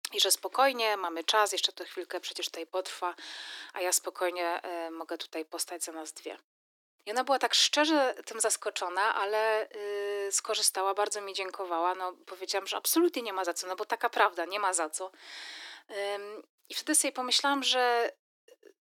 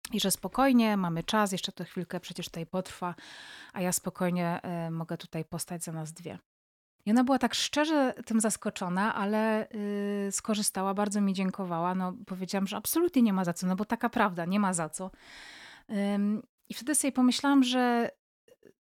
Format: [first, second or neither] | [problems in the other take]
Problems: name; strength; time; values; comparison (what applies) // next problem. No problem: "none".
second | thin; very; fading below 300 Hz